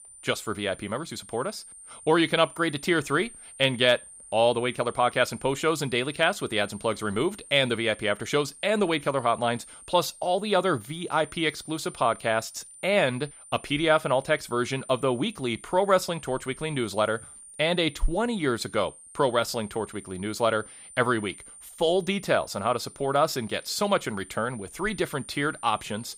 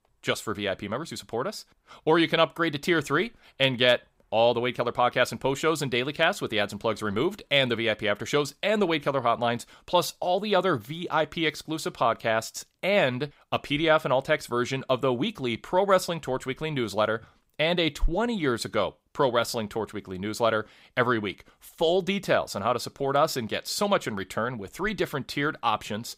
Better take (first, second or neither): second